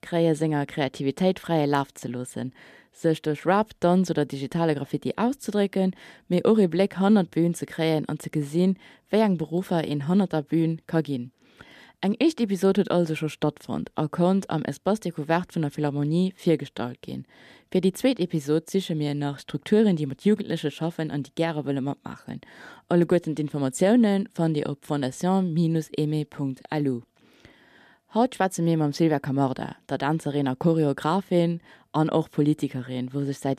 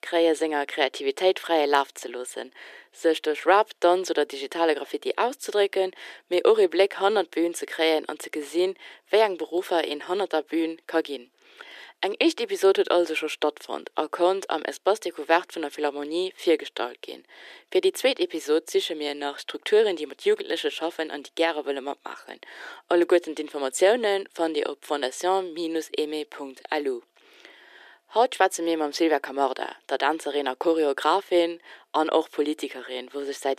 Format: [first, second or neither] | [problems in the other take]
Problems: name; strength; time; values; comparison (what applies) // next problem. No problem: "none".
first | thin; very; fading below 350 Hz